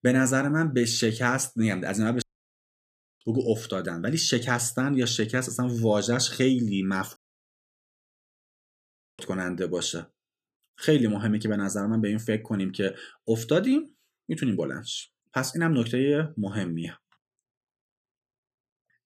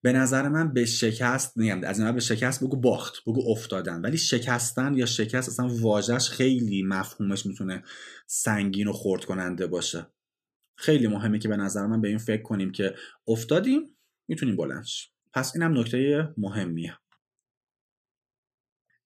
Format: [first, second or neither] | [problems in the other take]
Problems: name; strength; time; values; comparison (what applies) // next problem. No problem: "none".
second | audio cutting out; at 2 s for 1 s and at 7 s for 2 s